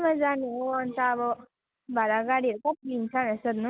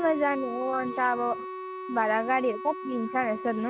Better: first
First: none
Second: background sound (Wind instrument, woodwind instrument); 9 dB below the speech

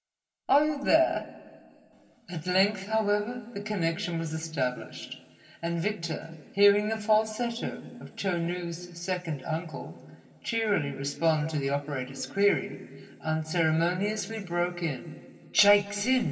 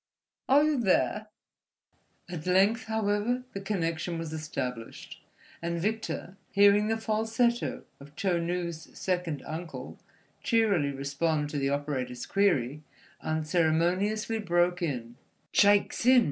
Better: second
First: room echo; dies away in 2.9 s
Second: none

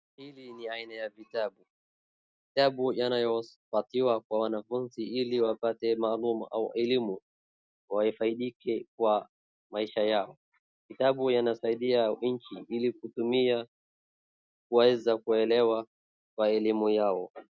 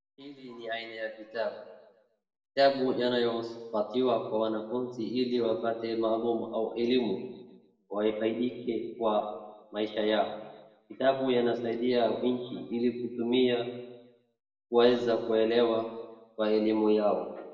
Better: first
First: none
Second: room echo; dies away in 1 s

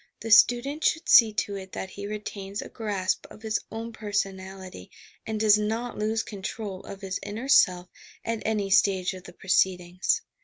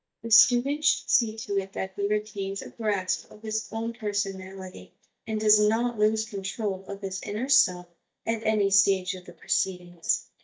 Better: first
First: none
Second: noise reduction (neural mask model DeepFilterNet 3)

